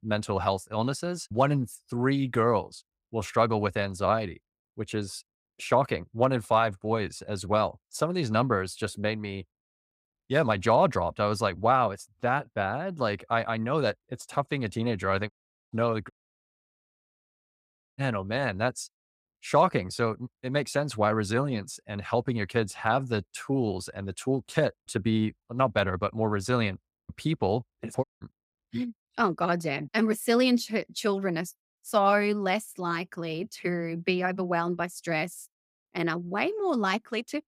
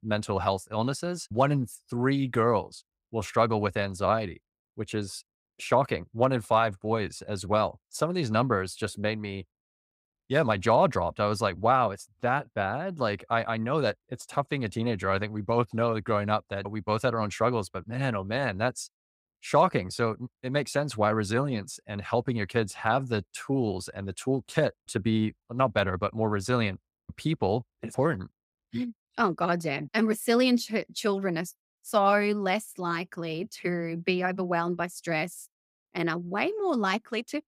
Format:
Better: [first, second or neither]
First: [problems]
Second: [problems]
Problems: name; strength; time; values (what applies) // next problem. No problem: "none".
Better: second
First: audio cutting out; at 15 s, at 16 s for 2 s and at 28 s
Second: none